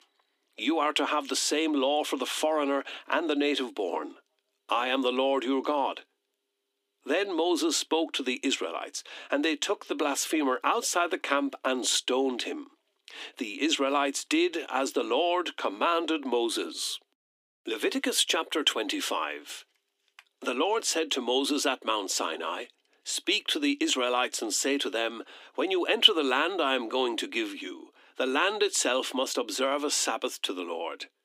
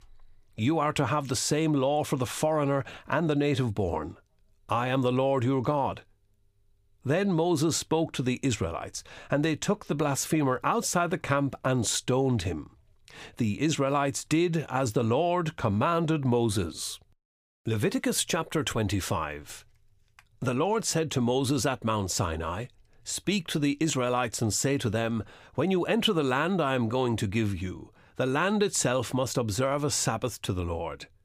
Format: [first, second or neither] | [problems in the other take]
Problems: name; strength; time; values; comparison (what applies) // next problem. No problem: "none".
second | thin; very slightly; fading below 250 Hz